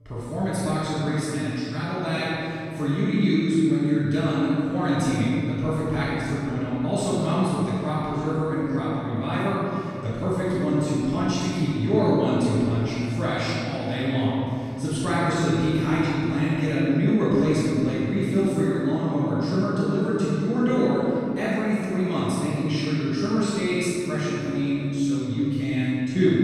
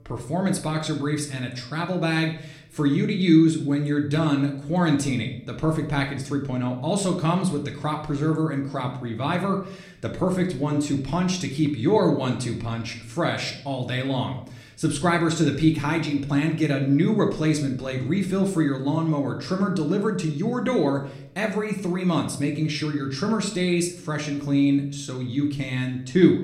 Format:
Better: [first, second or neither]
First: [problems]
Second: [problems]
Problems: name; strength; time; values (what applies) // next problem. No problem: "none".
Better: second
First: room echo; strong; dies away in 2.7 s // off-mic speech; far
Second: room echo; slight; dies away in 0.5 s // off-mic speech; somewhat distant